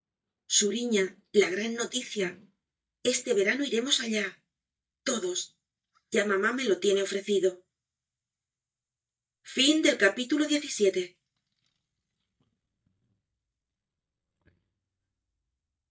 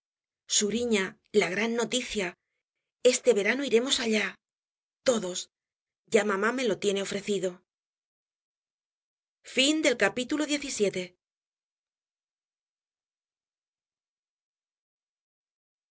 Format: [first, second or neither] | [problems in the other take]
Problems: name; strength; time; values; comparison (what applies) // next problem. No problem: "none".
second | noise reduction (neural mask model DeepFilterNet 3)